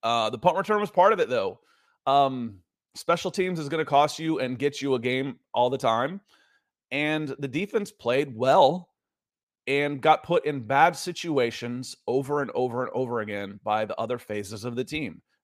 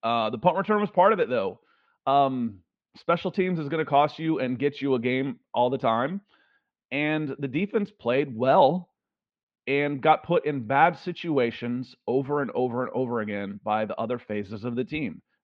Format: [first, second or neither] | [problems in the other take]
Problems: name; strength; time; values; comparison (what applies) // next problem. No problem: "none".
first | muffled; slightly; fading above 3.5 kHz